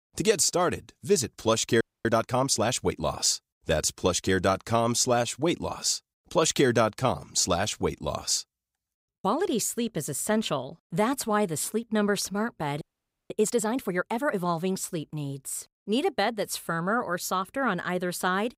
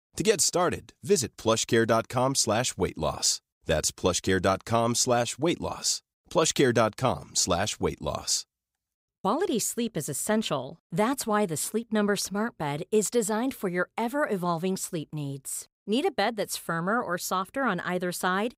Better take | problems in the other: second | audio freezing; at 2 s and at 13 s

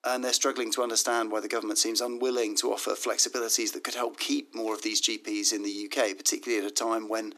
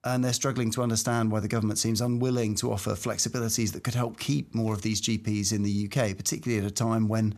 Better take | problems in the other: second | thin; very; fading below 300 Hz

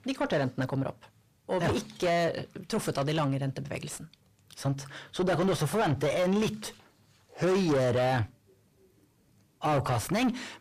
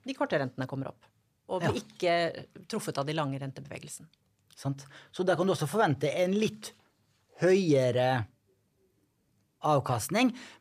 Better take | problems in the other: second | distortion; heavy; 7 dB below the speech

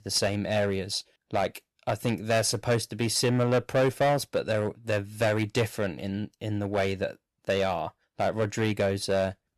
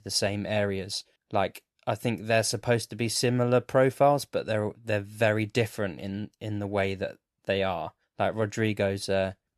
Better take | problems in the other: second | distortion; slight; 6% of the sound clipped

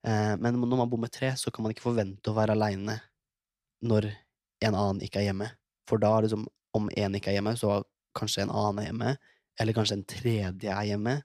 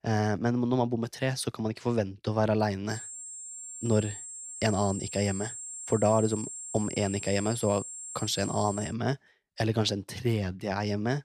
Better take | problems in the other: first | high-pitched whine; loud; from 3 to 9 s; 7.5 kHz, 9 dB below the speech

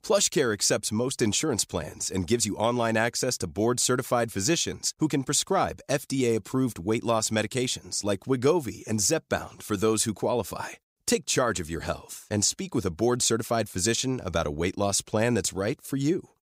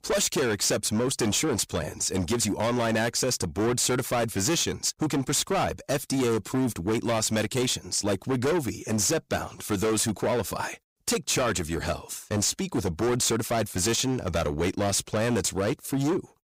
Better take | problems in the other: first | distortion; heavy; 21% of the sound clipped

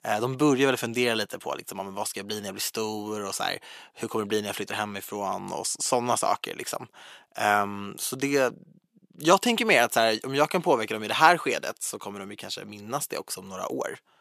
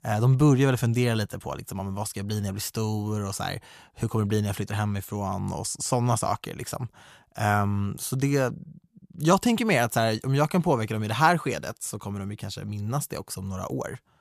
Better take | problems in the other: second | thin; somewhat; fading below 350 Hz

